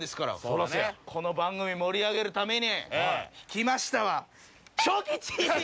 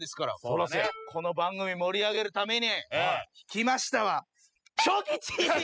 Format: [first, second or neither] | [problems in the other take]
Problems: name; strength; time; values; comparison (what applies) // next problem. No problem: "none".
first | noise reduction (classical method spectral subtraction)